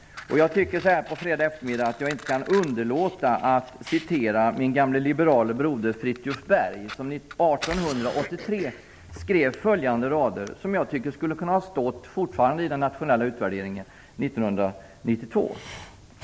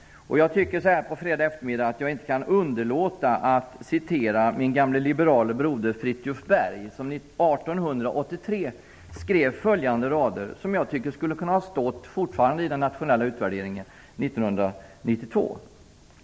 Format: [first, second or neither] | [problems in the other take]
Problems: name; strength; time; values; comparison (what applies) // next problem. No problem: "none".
second | background sound (Fire + Cough); 19 dB below the speech